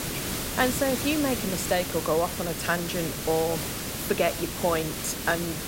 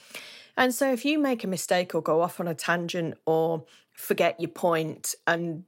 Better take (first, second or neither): second